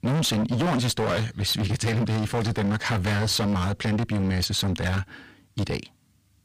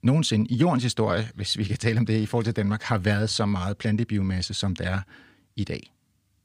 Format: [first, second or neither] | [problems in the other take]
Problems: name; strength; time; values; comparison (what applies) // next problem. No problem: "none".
second | distortion; heavy; 28% of the sound clipped